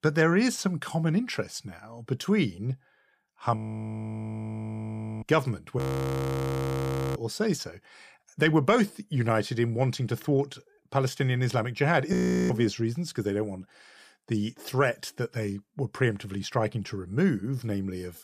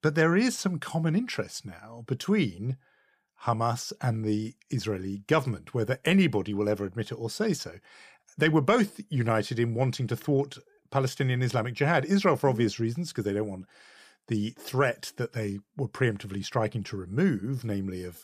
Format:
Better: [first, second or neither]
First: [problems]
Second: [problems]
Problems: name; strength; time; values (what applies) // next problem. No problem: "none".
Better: second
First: audio freezing; at 3.5 s for 1.5 s, at 6 s for 1.5 s and at 12 s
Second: none